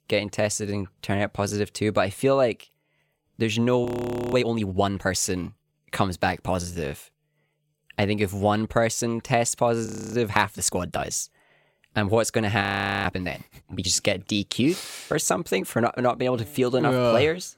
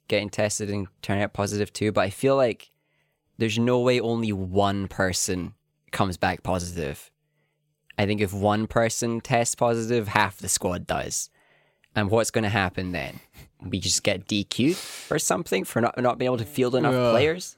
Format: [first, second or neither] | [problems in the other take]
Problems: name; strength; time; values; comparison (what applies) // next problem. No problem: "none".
second | audio freezing; at 4 s, at 10 s and at 13 s